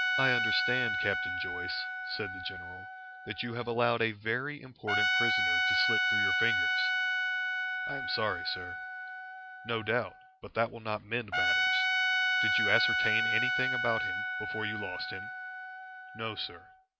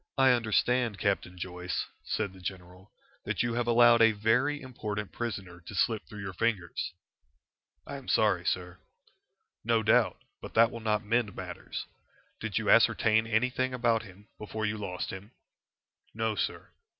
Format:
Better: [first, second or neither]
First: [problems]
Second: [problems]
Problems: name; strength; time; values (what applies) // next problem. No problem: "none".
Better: second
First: background sound (Trumpet); 4 dB above the speech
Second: none